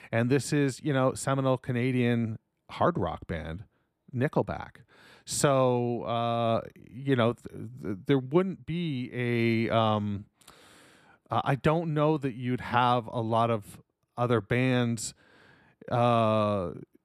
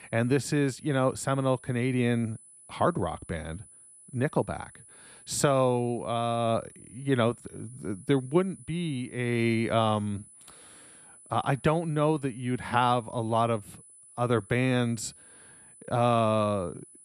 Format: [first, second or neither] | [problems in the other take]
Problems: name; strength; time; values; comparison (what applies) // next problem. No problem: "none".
first | high-pitched whine; faint; throughout; 10 kHz, 20 dB below the speech